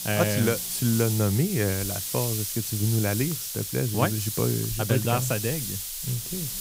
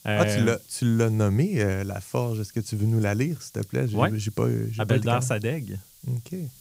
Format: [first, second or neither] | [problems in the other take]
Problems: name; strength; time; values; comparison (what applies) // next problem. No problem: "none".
second | hiss; loud; throughout; 3 dB below the speech; faint in the second